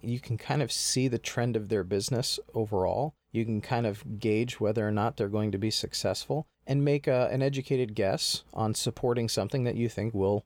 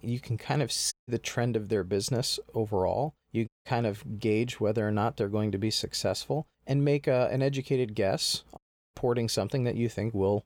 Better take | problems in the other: first | audio cutting out; at 1 s, at 3.5 s and at 8.5 s

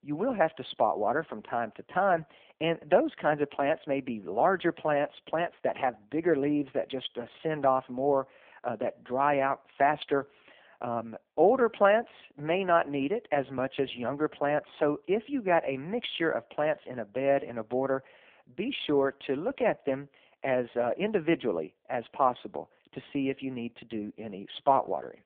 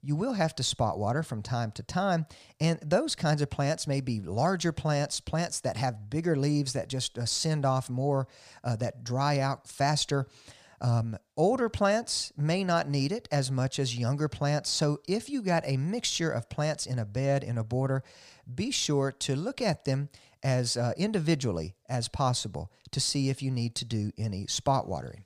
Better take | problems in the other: second | phone-call audio; poor line; nothing above 3.5 kHz

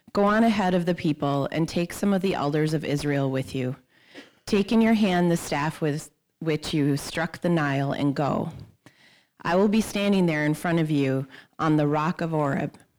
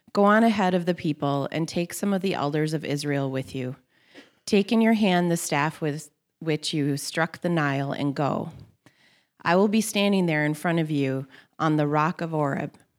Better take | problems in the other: second | distortion; slight; 10 dB below the speech

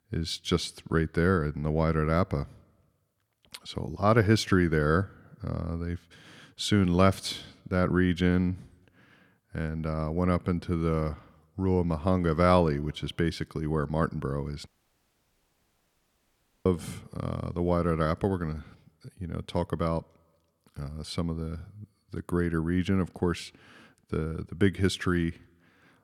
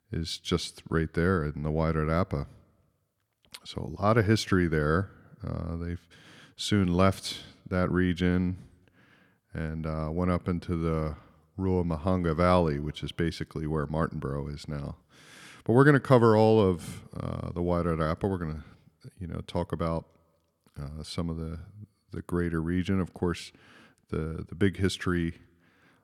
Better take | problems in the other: second | audio cutting out; at 15 s for 2 s

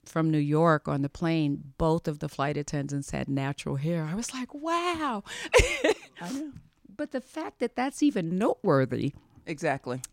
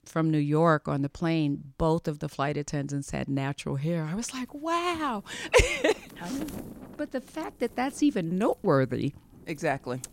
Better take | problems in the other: first | wind noise on the microphone; occasional gusts; from 4.5 s on; 20 dB below the speech

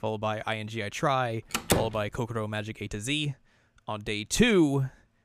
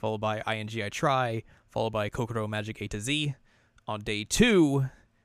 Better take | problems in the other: second | door banging; loud; at 1.5 s; peak 2 dB above the speech

